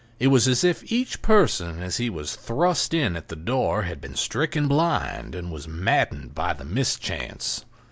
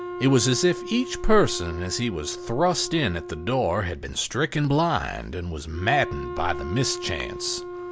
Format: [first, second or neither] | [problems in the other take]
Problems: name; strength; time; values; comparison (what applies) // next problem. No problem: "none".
first | background sound (Wind instrument, woodwind instrument); 11 dB below the speech